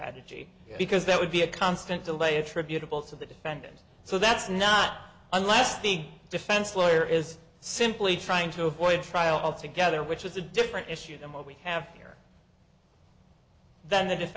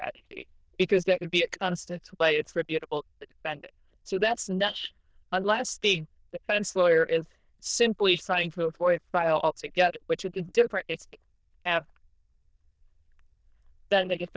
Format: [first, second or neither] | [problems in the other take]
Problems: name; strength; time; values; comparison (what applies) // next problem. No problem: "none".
first | noise reduction (neural diffusion model UNIVERSE++)